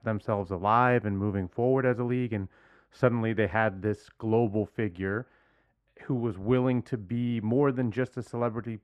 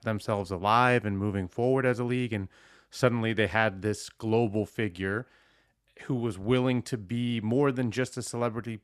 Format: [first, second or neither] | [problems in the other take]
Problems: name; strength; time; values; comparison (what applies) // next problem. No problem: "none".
second | muffled; very; fading above 3 kHz